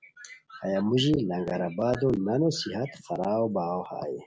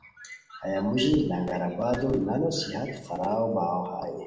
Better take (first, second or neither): first